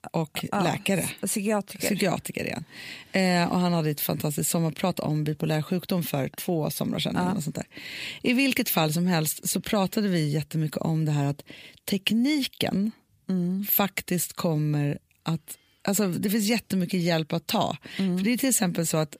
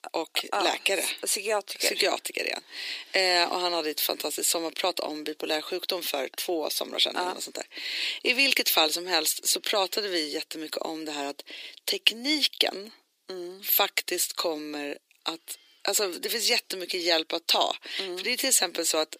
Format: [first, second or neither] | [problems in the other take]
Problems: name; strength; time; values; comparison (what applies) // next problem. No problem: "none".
first | thin; very; fading below 350 Hz